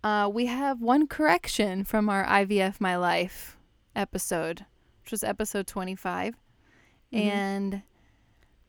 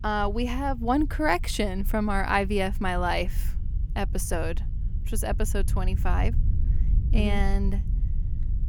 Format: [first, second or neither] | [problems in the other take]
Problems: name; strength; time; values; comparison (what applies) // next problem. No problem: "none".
first | low rumble; noticeable; throughout; 20 dB below the speech